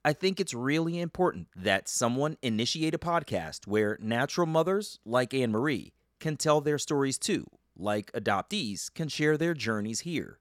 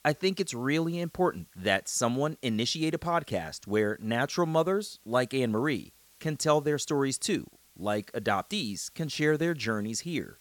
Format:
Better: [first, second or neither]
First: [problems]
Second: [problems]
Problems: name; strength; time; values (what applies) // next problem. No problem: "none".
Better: first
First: none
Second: hiss; faint; throughout; 30 dB below the speech